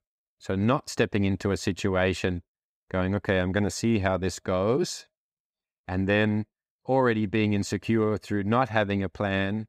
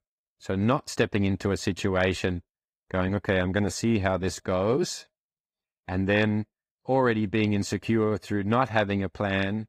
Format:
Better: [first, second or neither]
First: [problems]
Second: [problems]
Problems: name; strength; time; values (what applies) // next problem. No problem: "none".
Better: first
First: none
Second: garbled, watery; slightly; nothing above 15.5 kHz